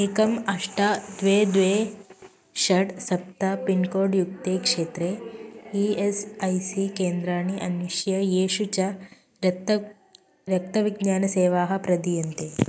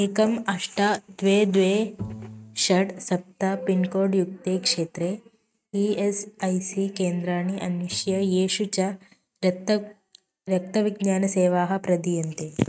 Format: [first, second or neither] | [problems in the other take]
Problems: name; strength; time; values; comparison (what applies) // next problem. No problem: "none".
first | noise reduction (neural mask model RNNoise)